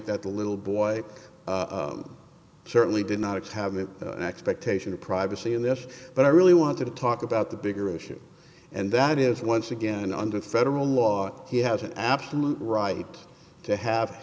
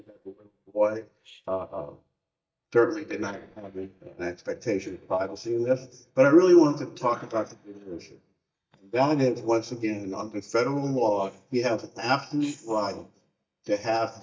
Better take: first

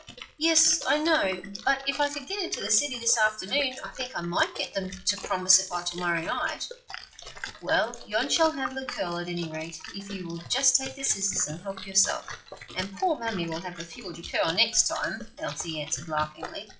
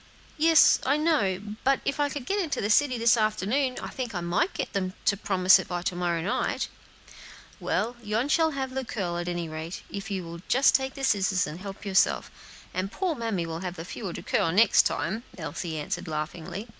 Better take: second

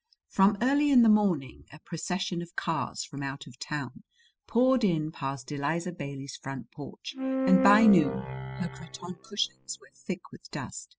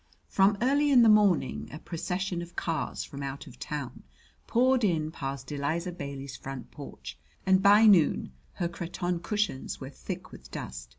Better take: second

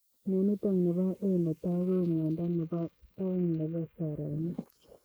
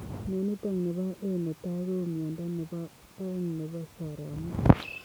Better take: second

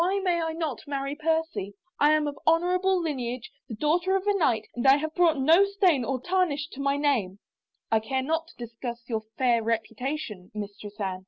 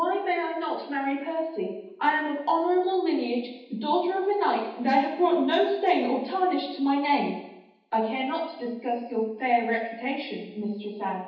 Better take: first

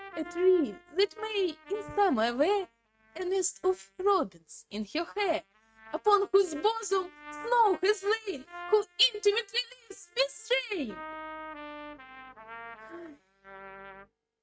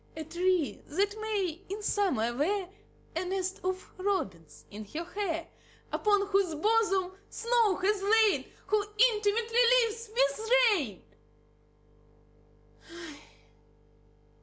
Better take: second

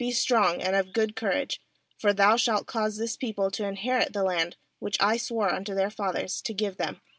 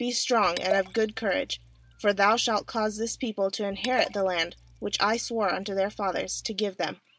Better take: first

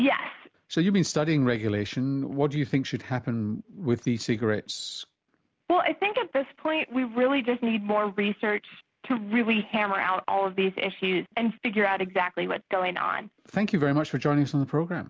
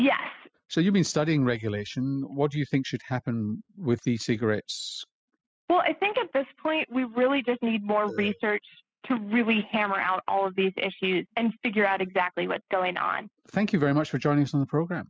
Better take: first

